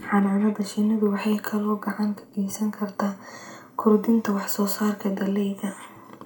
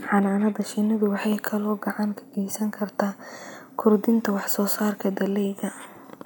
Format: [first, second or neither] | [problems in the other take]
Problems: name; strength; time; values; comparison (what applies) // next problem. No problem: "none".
second | room echo; dies away in 0.2 s